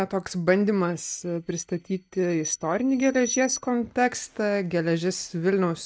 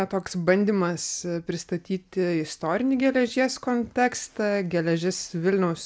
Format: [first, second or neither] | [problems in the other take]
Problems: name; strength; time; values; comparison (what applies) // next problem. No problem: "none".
second | noise reduction (neural mask model DeepFilterNet 3)